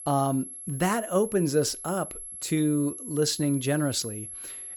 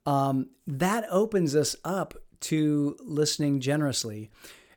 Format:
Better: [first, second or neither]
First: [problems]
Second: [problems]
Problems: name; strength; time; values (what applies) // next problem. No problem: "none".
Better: second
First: high-pitched whine; noticeable; throughout; 11 kHz, 10 dB below the speech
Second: none